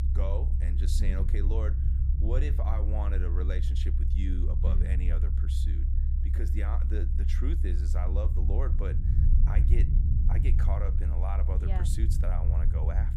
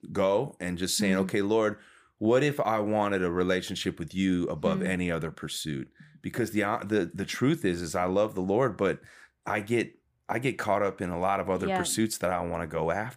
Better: second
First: low rumble; loud; throughout; 4 dB below the speech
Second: none

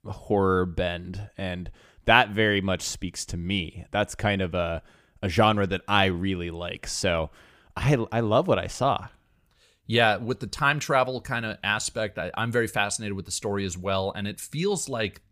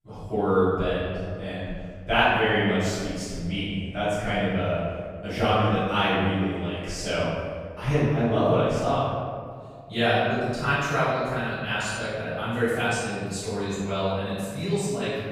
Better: first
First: none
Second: off-mic speech; far // room echo; strong; dies away in 1.8 s

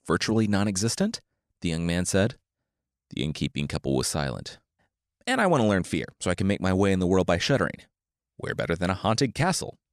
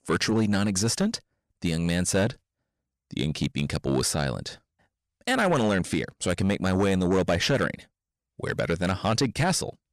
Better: first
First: none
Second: distortion; slight; 10 dB below the speech

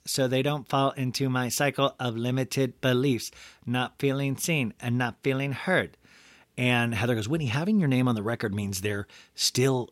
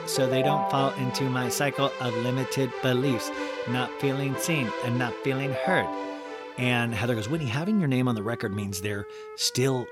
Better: first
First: none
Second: background music; loud; throughout; 6 dB below the speech

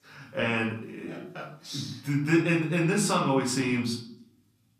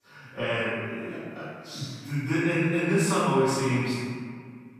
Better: first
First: room echo; slight; dies away in 0.5 s // off-mic speech; far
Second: room echo; strong; dies away in 1.8 s // off-mic speech; far

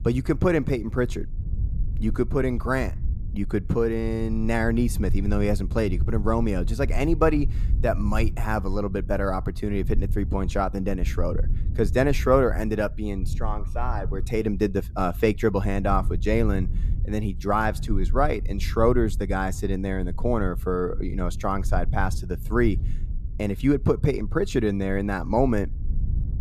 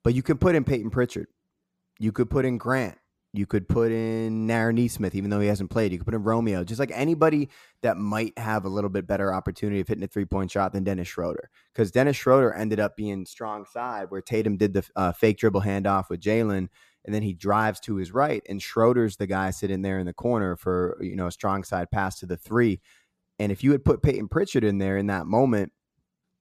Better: second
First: low rumble; faint; throughout; 20 dB below the speech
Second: none

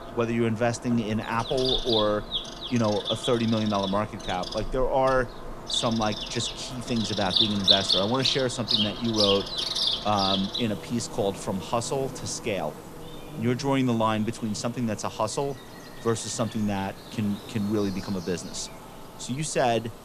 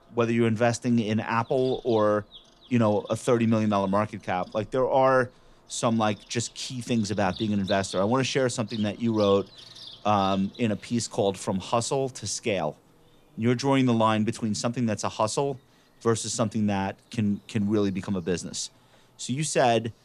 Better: second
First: animal sounds; loud; throughout; as loud as the speech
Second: animal sounds; faint; throughout; 20 dB below the speech

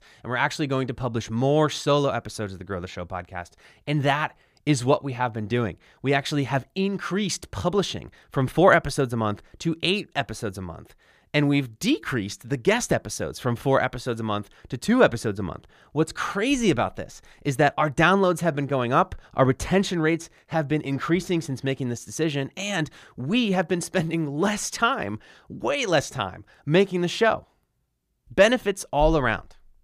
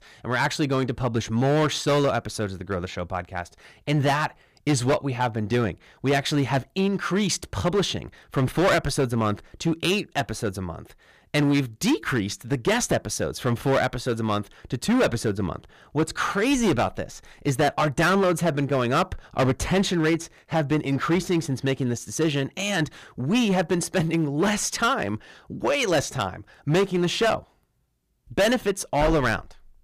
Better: first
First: none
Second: distortion; heavy; 8% of the sound clipped

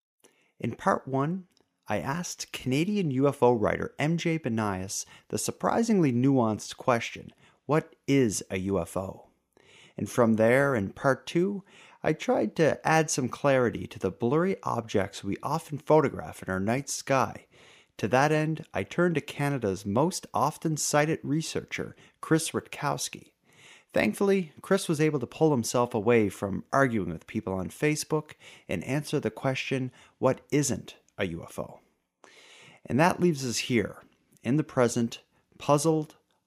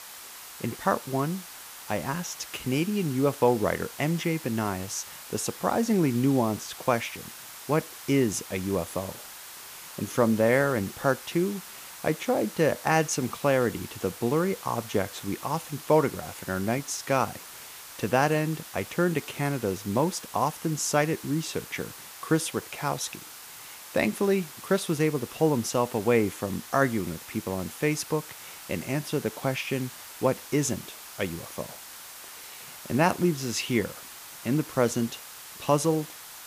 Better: first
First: none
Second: hiss; noticeable; throughout; 15 dB below the speech

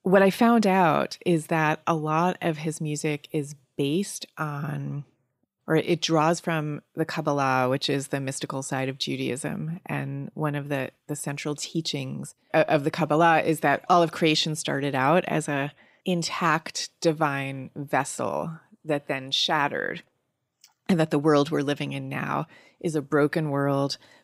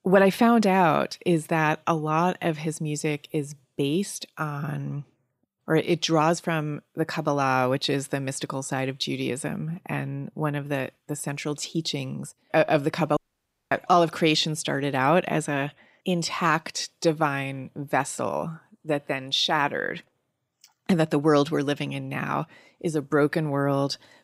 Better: first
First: none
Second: audio cutting out; at 13 s for 0.5 s

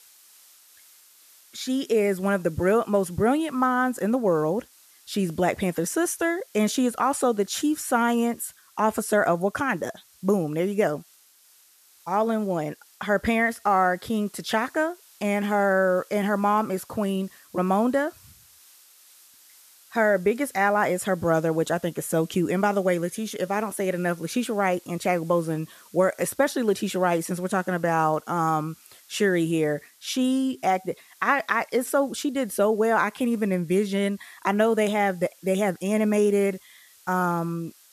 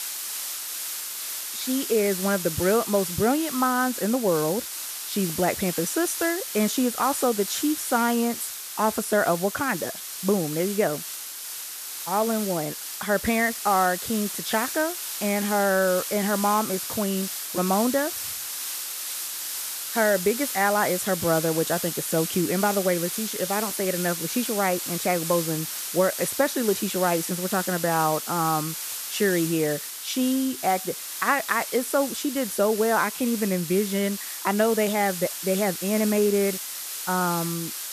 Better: first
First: hiss; faint; throughout; 25 dB below the speech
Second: hiss; loud; throughout; 5 dB below the speech

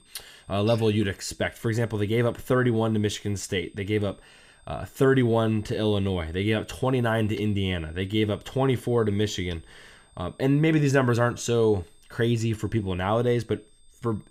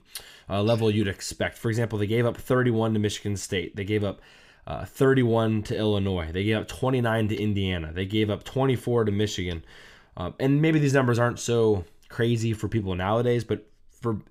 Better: second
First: high-pitched whine; faint; throughout; 8.5 kHz, 35 dB below the speech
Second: none

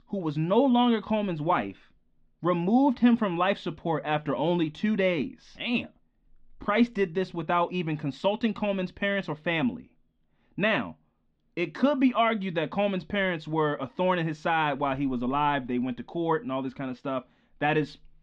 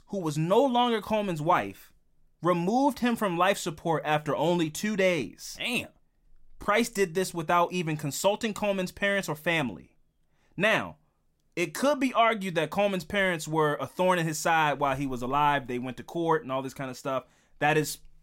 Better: second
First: muffled; slightly; fading above 3.5 kHz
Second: none

